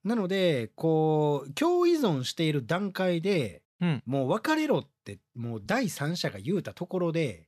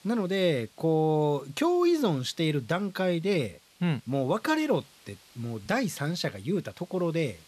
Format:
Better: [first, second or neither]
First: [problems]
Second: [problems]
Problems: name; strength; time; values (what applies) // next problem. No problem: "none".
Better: first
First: none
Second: hiss; faint; throughout; 30 dB below the speech